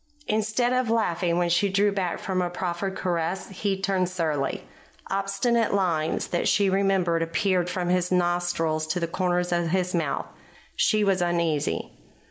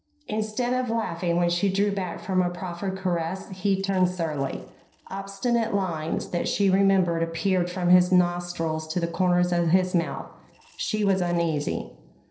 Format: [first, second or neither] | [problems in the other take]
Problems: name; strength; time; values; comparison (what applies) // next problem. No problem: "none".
first | noise reduction (neural separator model SepFormer DNS4)